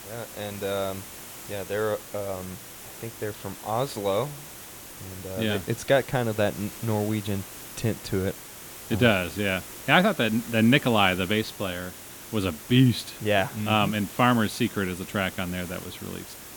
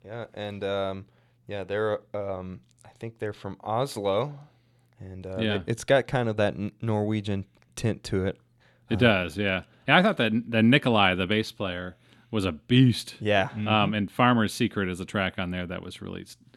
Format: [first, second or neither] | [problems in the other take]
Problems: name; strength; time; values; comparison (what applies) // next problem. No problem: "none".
second | hiss; noticeable; throughout; 15 dB below the speech